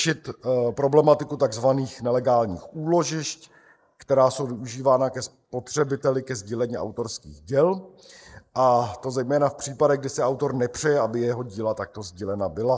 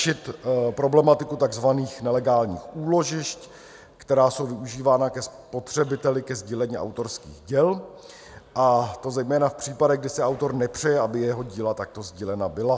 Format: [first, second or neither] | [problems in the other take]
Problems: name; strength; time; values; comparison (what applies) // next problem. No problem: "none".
second | noise reduction (neural mask model Resemble Enhance denoiser)